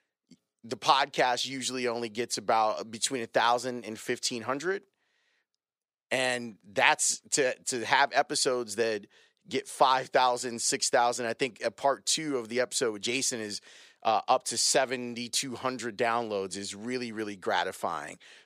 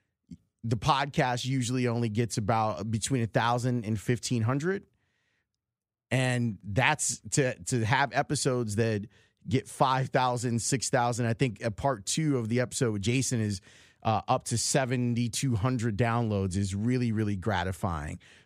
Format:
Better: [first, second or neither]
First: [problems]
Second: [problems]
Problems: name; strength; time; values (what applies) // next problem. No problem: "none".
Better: second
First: thin; somewhat; fading below 450 Hz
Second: none